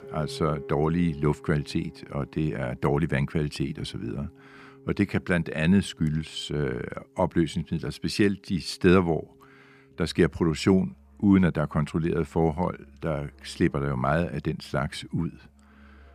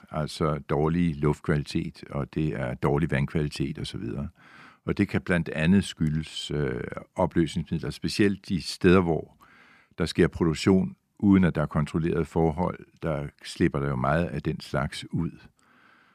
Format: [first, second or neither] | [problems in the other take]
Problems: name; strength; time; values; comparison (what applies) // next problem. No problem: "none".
second | background music; faint; throughout; 25 dB below the speech